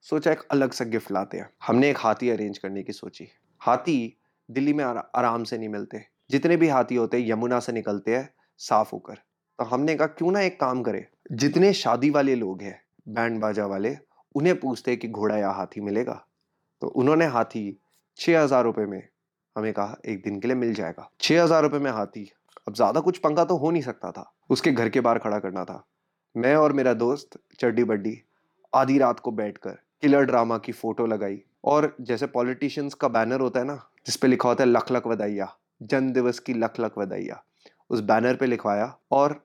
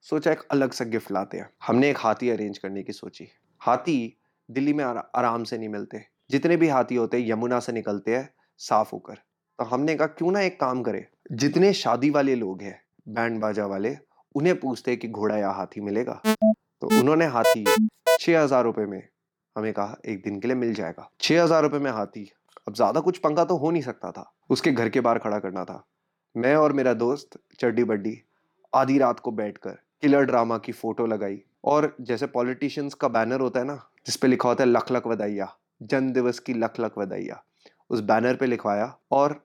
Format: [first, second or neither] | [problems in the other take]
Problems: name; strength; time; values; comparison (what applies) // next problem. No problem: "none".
first | alarm; loud; from 16 to 18 s; peak 5 dB above the speech